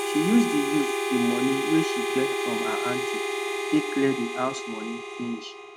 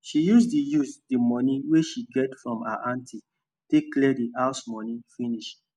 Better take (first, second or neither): second